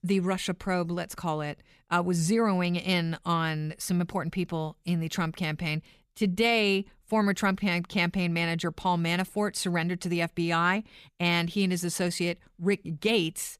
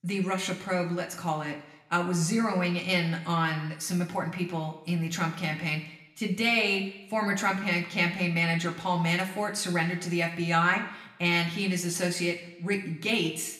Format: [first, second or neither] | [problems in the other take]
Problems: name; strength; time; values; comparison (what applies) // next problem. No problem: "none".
first | room echo; slight; dies away in 0.7 s